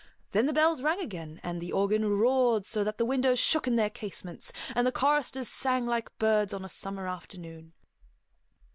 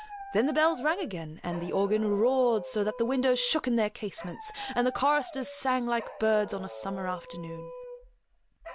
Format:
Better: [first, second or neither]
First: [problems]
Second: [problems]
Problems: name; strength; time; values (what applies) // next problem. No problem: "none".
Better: first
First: none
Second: background sound (Dog); 14 dB below the speech